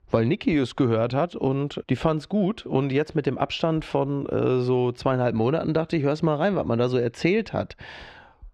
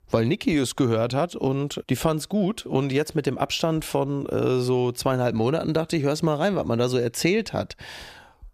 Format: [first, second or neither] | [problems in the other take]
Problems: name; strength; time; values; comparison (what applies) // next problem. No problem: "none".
second | muffled; slightly; fading above 3 kHz